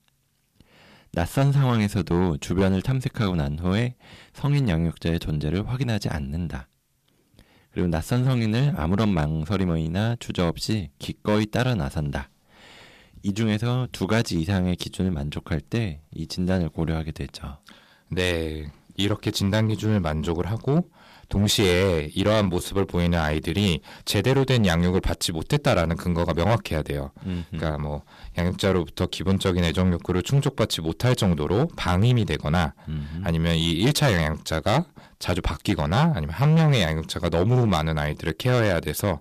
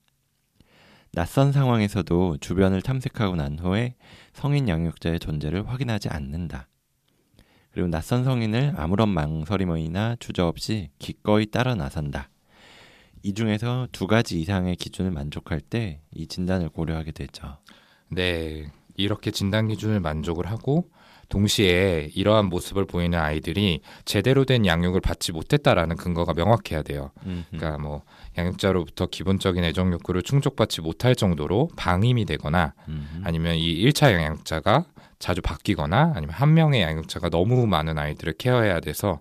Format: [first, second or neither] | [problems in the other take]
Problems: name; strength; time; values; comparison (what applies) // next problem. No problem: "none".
second | distortion; slight; 5% of the sound clipped